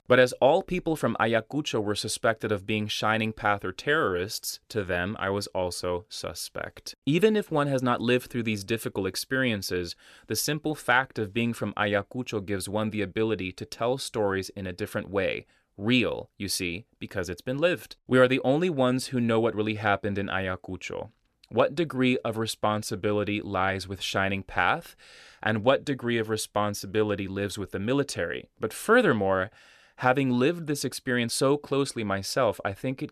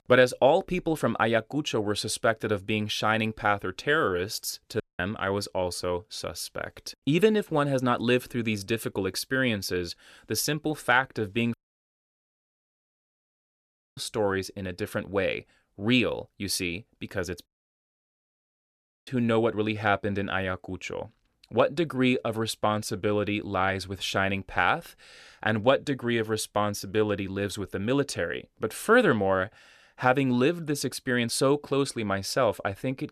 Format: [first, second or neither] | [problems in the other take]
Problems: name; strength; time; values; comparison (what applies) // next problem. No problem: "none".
first | audio cutting out; at 5 s, at 12 s for 2.5 s and at 17 s for 1.5 s